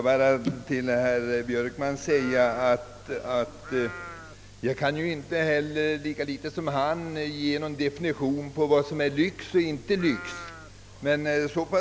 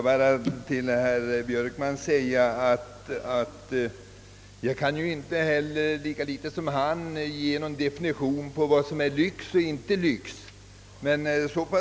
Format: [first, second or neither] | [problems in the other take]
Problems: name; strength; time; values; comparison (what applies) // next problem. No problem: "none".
second | background sound (Livestock, farm animals, working animals); 16 dB below the speech